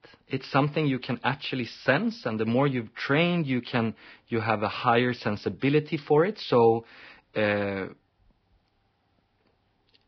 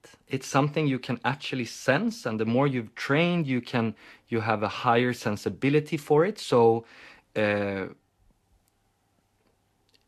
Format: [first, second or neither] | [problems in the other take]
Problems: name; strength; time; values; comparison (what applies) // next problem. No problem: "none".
second | garbled, watery; badly; nothing above 5.5 kHz; slightly in the second